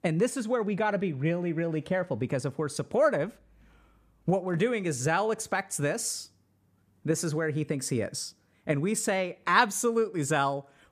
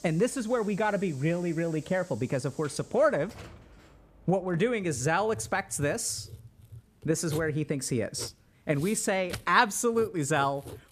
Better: first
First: none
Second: household noises; noticeable; throughout; 20 dB below the speech

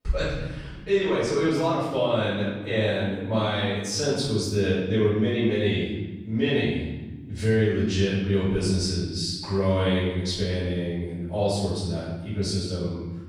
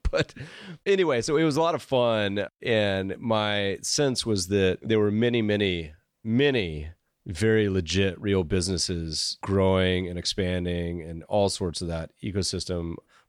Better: second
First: room echo; strong; dies away in 1.3 s // off-mic speech; far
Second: none

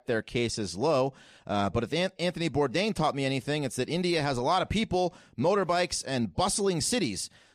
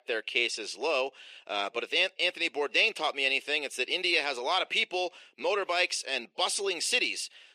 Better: first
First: none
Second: thin; very; fading below 400 Hz

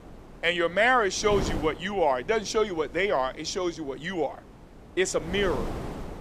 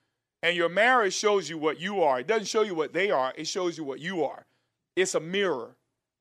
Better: second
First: wind noise on the microphone; occasional gusts; 15 dB below the speech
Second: none

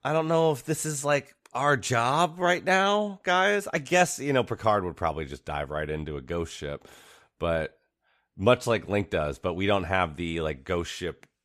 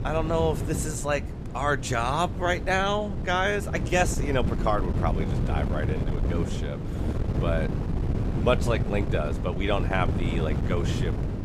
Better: first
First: none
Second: wind noise on the microphone; heavy; 10 dB below the speech

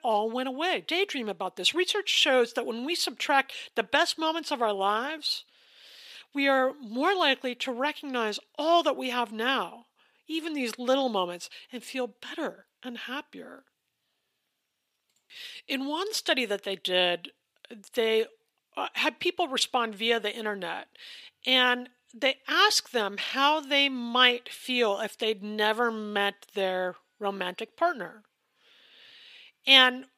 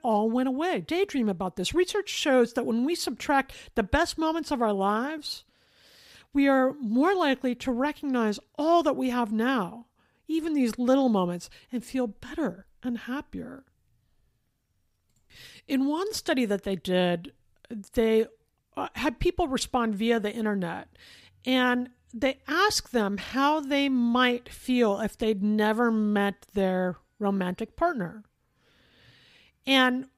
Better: second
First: thin; somewhat; fading below 400 Hz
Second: none

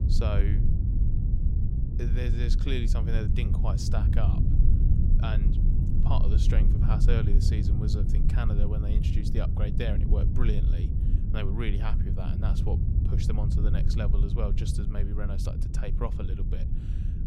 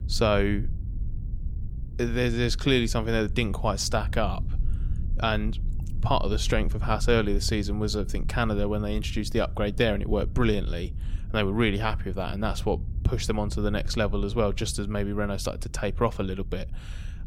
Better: second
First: low rumble; loud; throughout; 3 dB below the speech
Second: low rumble; faint; throughout; 20 dB below the speech

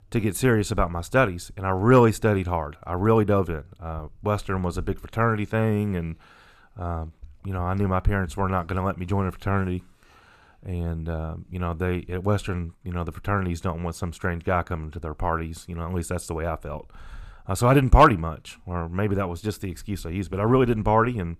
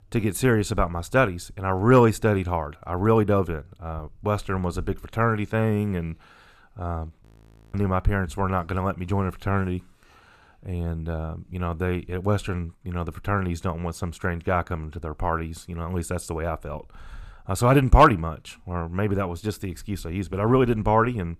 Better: first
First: none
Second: audio freezing; at 7 s for 0.5 s

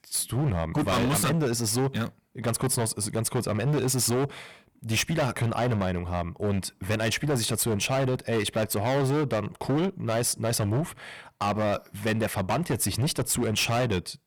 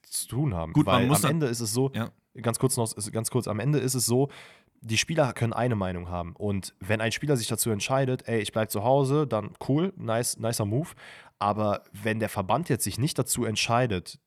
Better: second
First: distortion; heavy; 19% of the sound clipped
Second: none

